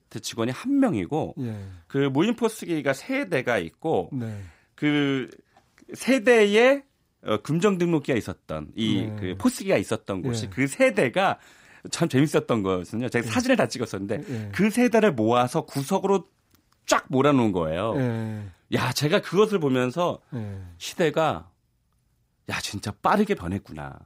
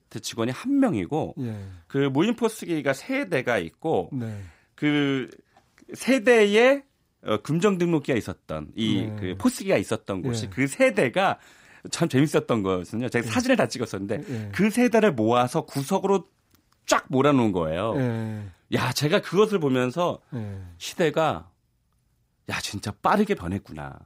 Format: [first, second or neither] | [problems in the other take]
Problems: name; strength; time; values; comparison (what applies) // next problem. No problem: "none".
neither | none